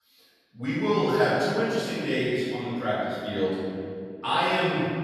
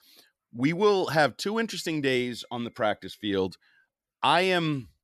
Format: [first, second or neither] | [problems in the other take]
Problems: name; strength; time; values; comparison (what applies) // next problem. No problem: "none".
second | off-mic speech; far // room echo; strong; dies away in 2.4 s